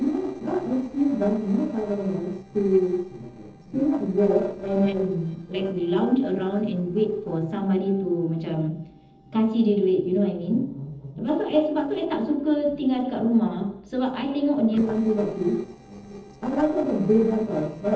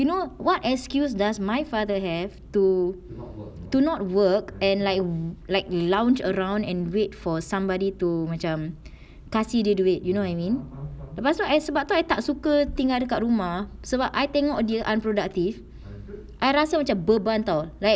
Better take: second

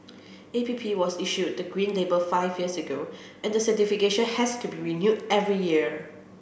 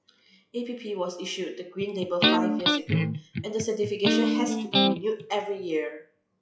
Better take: first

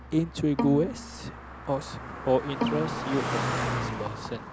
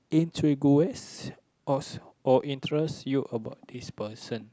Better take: second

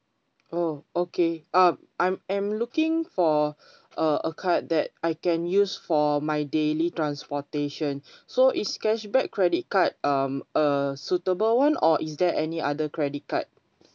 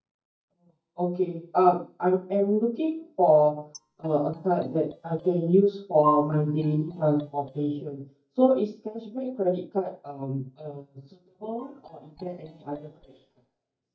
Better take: first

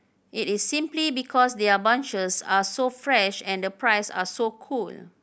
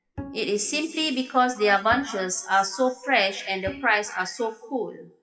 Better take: first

